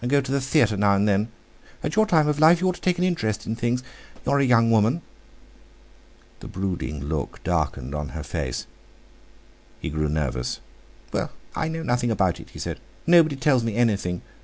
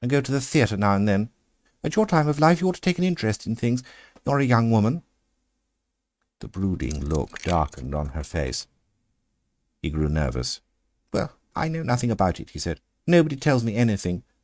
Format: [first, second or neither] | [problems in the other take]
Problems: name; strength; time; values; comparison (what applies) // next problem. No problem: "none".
first | noise reduction (neural mask model RNNoise)